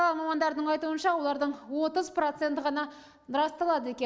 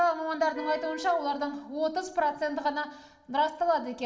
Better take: first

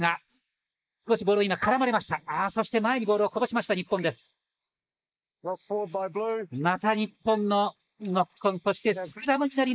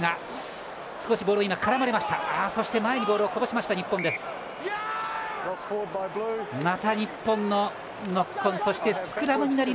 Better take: second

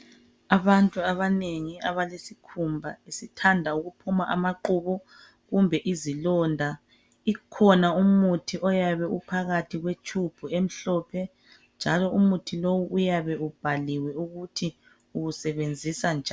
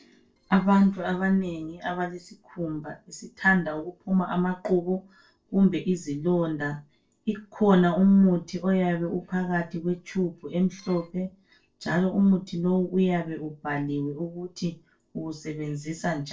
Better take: first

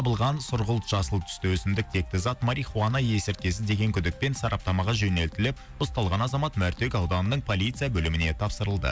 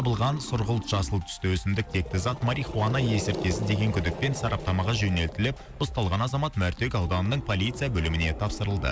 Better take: first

